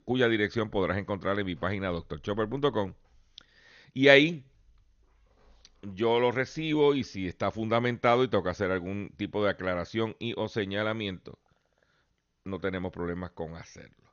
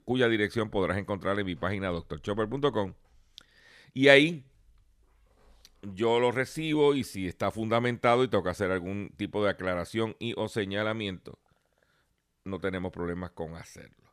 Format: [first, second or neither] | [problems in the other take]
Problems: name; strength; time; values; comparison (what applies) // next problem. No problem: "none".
second | garbled, watery; slightly; nothing above 6.5 kHz